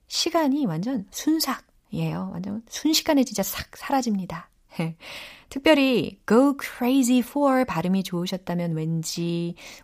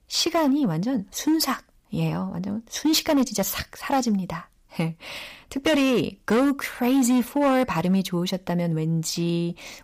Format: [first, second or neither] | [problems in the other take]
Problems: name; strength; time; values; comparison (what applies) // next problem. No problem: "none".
first | distortion; slight; 7% of the sound clipped